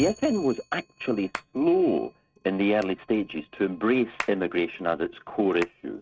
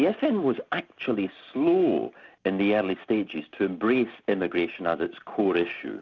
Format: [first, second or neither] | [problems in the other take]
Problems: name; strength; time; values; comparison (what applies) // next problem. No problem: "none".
second | noise reduction (neural mask model RNNoise)